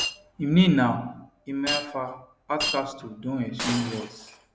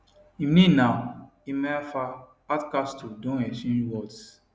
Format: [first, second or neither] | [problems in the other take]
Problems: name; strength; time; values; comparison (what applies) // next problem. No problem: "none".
second | background sound (Shatter); 8 dB below the speech